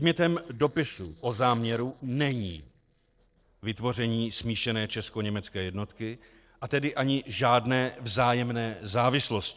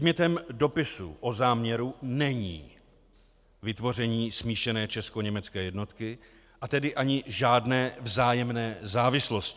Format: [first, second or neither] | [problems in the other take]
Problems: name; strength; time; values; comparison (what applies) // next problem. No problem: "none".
second | noise reduction (neural separator model SepFormer DNS4)